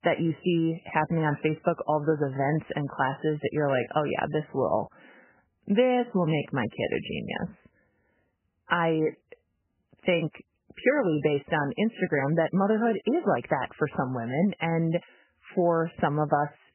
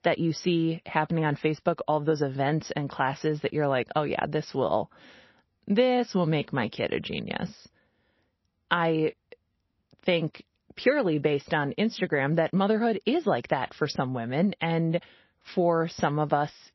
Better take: second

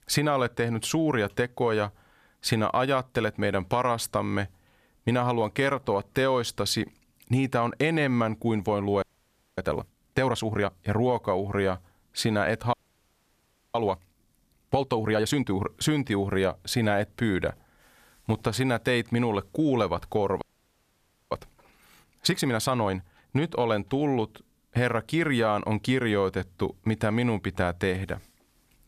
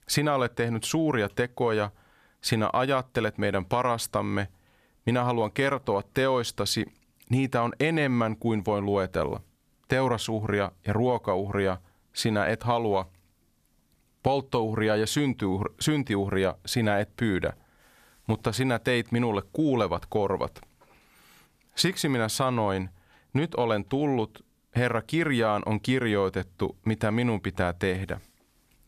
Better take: second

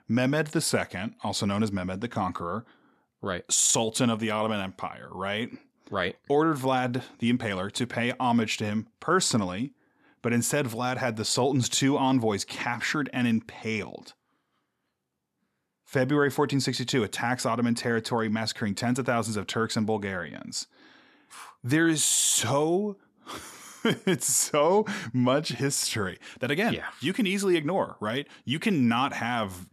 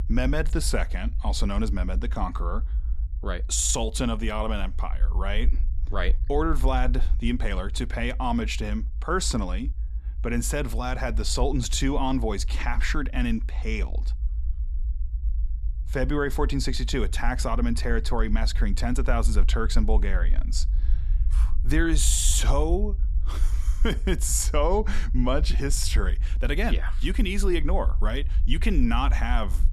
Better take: first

